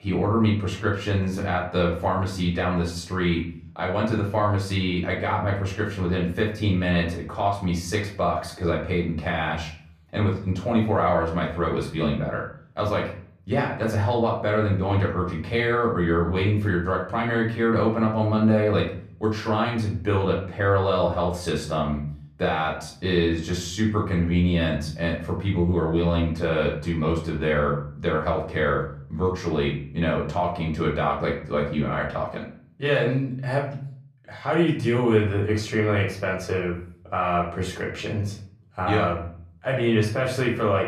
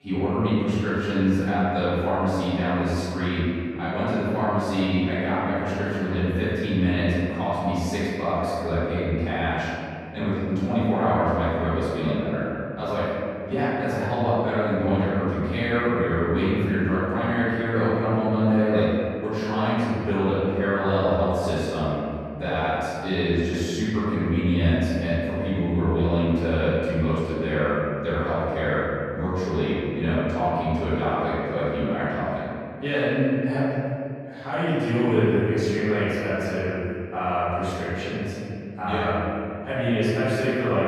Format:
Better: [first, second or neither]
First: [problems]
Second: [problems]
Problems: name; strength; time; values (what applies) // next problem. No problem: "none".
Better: first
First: room echo; slight; dies away in 0.5 s // off-mic speech; far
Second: room echo; strong; dies away in 2.4 s // off-mic speech; far